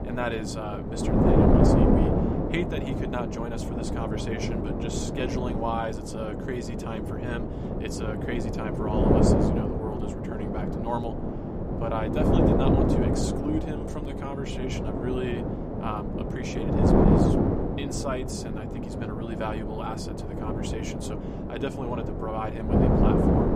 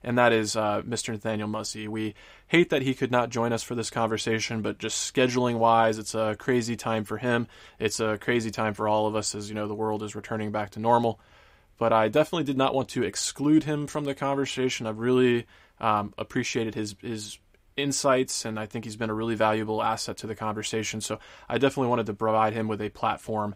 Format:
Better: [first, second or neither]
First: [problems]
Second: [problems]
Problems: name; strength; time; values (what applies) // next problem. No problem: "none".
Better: second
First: wind noise on the microphone; heavy; 4 dB above the speech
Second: none